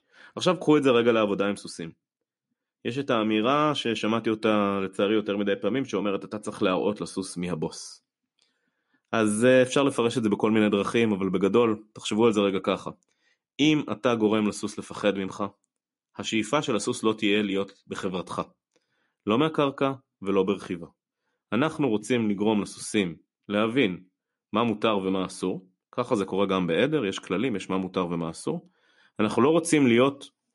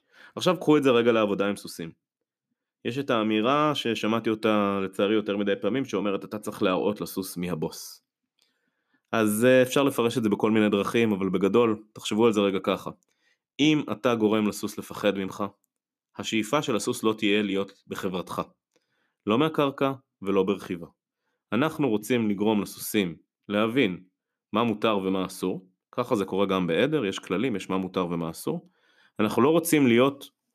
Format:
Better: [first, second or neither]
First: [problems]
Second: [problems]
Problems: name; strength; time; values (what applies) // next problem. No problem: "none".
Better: second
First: garbled, watery; slightly; nothing above 11 kHz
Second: none